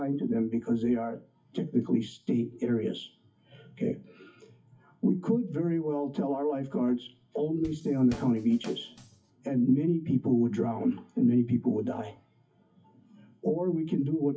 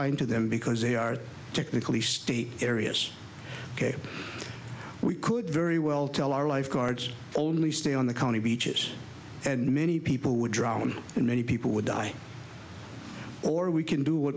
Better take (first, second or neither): second